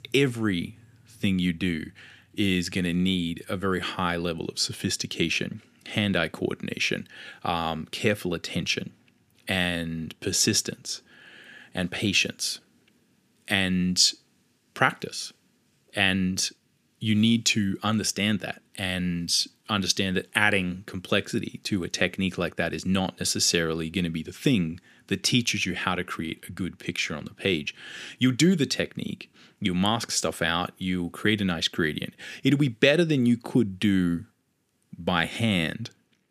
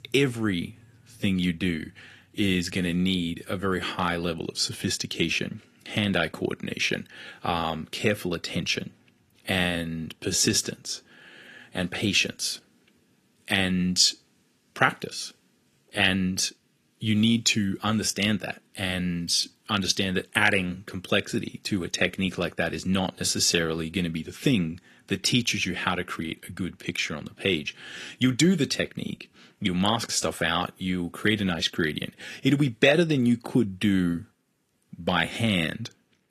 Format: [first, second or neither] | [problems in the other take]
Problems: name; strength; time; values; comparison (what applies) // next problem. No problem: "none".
first | garbled, watery; slightly; nothing above 13 kHz